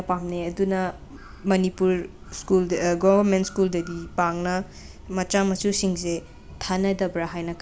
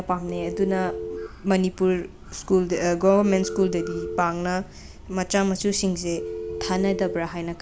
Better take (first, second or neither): first